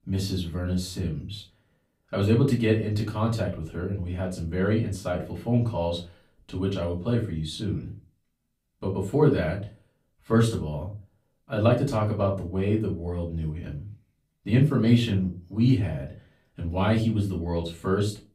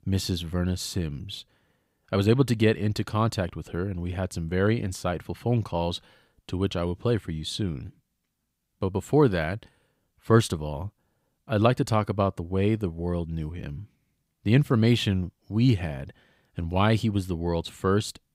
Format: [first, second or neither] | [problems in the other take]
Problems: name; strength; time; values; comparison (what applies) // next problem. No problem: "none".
second | off-mic speech; far // room echo; slight; dies away in 0.3 s